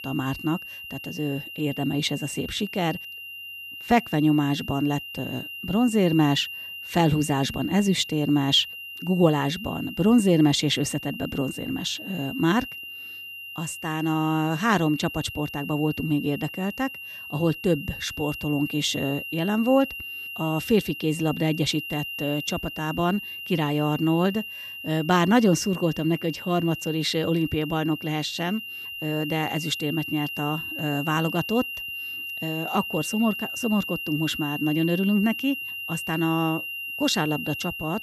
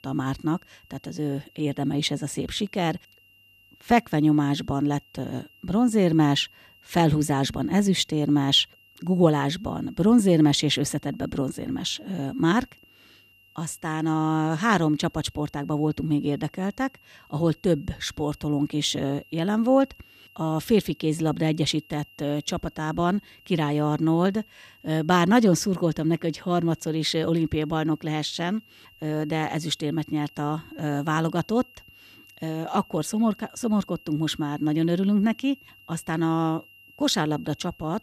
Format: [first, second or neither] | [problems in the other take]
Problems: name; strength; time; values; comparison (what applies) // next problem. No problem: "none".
second | high-pitched whine; loud; throughout; 3 kHz, 8 dB below the speech; faint in the second